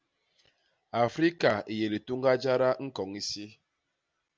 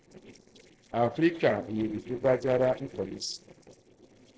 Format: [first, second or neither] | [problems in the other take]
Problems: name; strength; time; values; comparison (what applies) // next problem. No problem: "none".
first | noise reduction (neural separator model SepFormer DNS4)